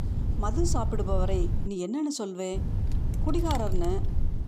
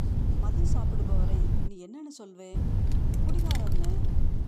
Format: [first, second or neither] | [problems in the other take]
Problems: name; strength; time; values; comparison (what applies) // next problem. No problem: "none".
first | wind noise on the microphone; heavy; until 1.5 s and from 2.5 s on; 4 dB above the speech; occasional gusts in the first